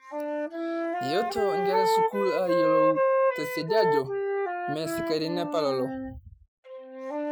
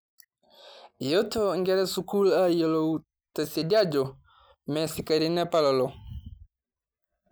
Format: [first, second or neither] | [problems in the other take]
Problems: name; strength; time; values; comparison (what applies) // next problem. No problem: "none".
second | noise reduction (classical method Wiener filter)